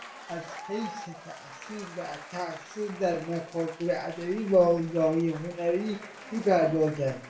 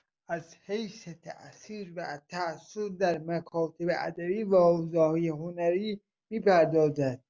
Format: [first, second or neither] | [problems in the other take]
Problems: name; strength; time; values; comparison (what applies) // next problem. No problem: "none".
second | background sound (Applause / Crowd / Cheering); 16 dB below the speech // room echo; dies away in 0.4 s